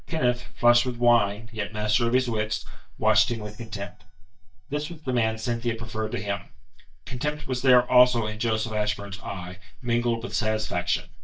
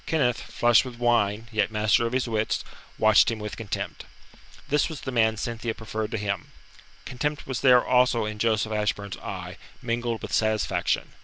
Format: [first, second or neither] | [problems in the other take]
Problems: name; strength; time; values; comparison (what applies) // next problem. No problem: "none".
second | noise reduction (neural mask model DeepFilterNet 3)